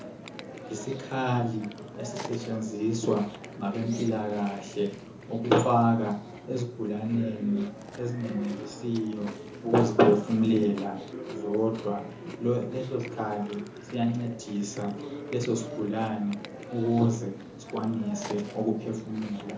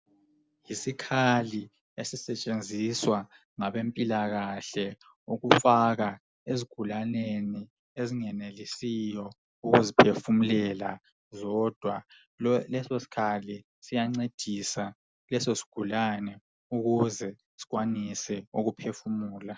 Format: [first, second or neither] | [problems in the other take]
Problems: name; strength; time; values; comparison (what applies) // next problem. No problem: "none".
second | background sound (Chewing, mastication); 12 dB below the speech // room echo; dies away in 0.6 s